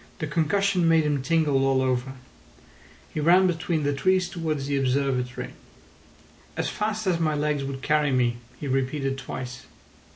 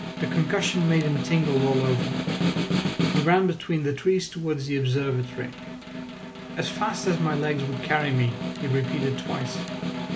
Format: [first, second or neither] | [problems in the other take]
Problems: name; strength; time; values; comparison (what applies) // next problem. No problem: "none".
first | background sound (Snare drum); 4 dB below the speech